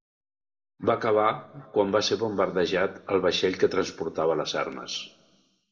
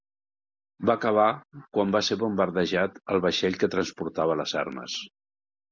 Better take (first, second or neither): second